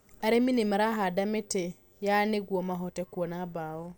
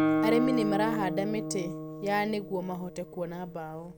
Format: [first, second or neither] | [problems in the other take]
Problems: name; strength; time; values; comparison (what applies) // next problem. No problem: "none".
first | background sound (Guitar); 1 dB below the speech